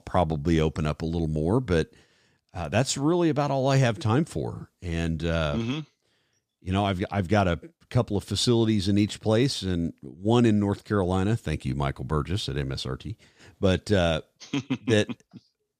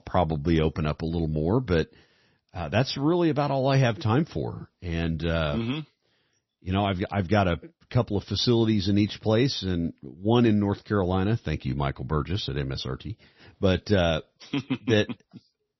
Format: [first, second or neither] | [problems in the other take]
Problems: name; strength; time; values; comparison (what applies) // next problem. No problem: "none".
first | garbled, watery; slightly; nothing above 6 kHz